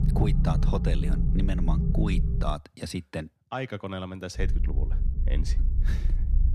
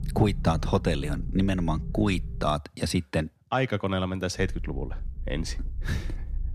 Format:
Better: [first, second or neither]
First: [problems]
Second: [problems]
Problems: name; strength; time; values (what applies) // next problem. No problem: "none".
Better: second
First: low rumble; loud; until 2.5 s and from 4.5 s on; 5 dB below the speech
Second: low rumble; faint; until 2.5 s and from 4.5 s on; 20 dB below the speech